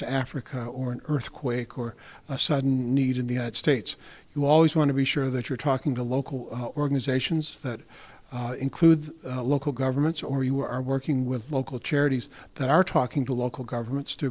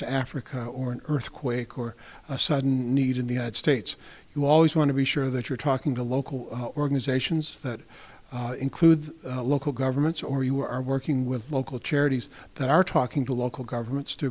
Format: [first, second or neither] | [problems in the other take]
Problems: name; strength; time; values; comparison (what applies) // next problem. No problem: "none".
second | noise reduction (neural separator model SepFormer DNS4)